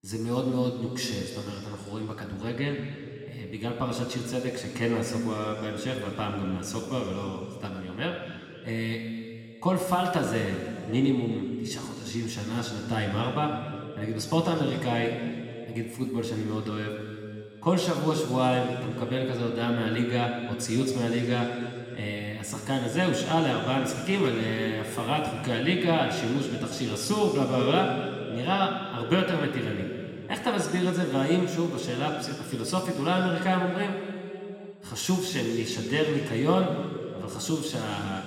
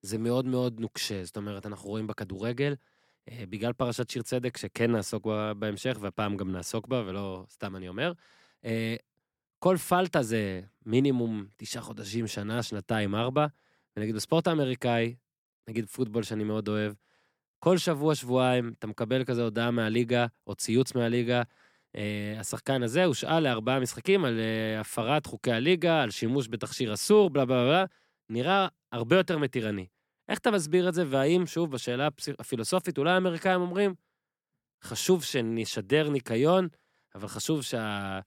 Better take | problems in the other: second | room echo; noticeable; dies away in 2.5 s // off-mic speech; somewhat distant

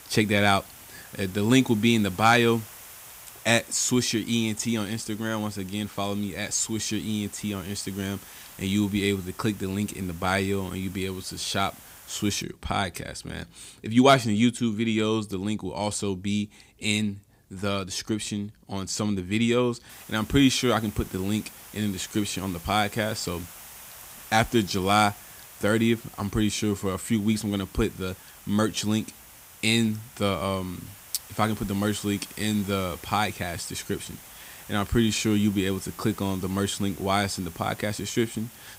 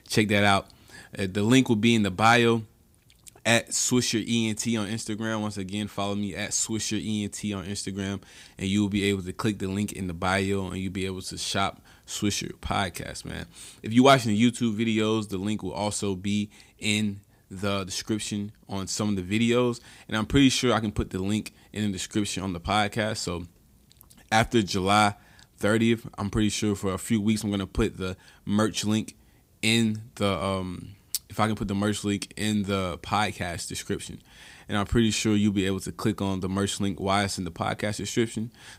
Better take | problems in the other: second | hiss; noticeable; until 12 s and from 20 s on; 20 dB below the speech

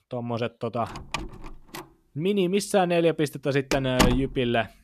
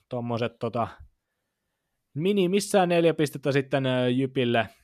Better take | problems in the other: second | door banging; loud; from 1 to 4 s; peak 1 dB above the speech

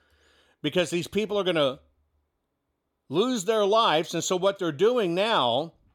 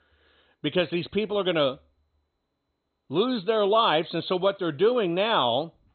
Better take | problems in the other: first | garbled, watery; badly; nothing above 4 kHz

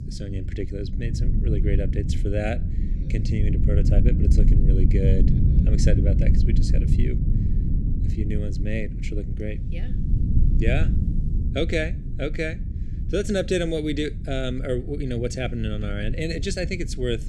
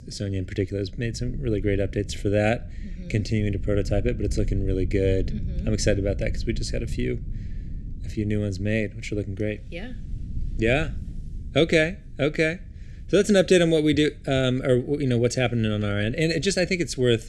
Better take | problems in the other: second | low rumble; loud; throughout; 7 dB below the speech; faint in the second

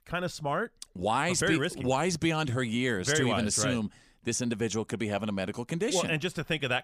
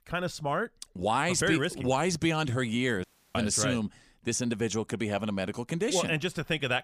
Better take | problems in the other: first | audio cutting out; at 3 s

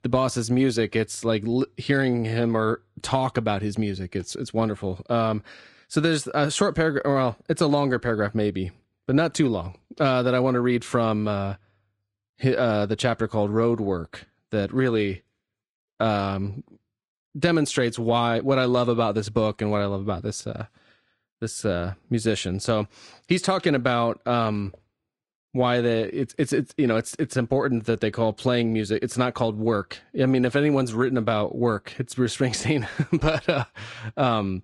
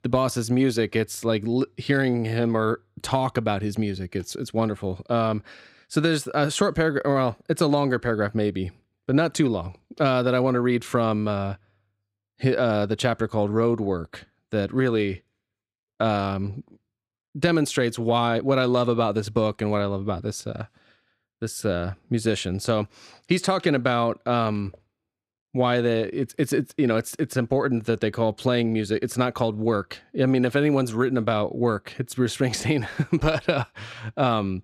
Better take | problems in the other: second | garbled, watery; slightly; nothing above 10.5 kHz

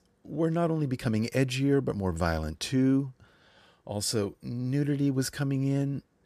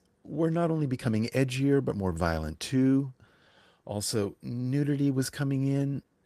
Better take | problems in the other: first | garbled, watery; slightly; nothing above 14.5 kHz

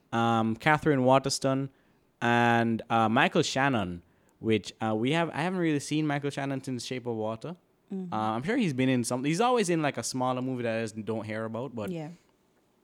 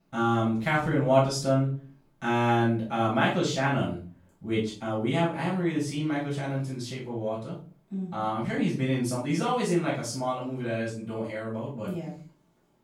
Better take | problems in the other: first | room echo; noticeable; dies away in 0.3 s // off-mic speech; far

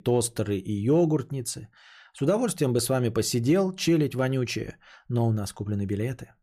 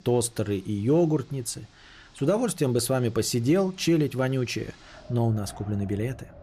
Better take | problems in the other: first | wind in the background; faint; throughout; 25 dB below the speech

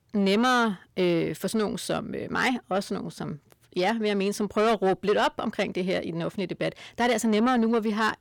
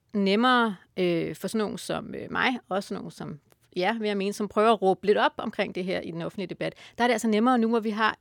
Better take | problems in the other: second | distortion; slight; 10 dB below the speech

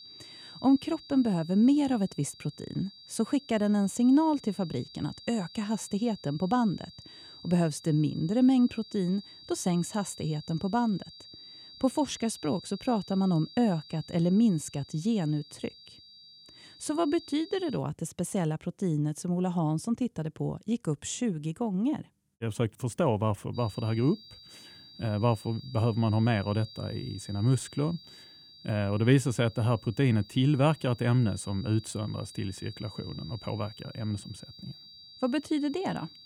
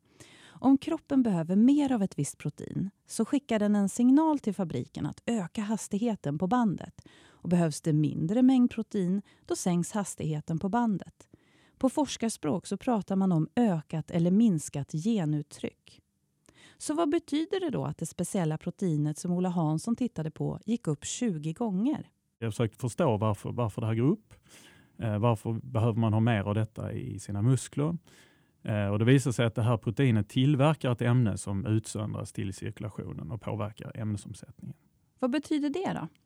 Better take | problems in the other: second | high-pitched whine; noticeable; until 18 s and from 24 s on; 4.5 kHz, 20 dB below the speech

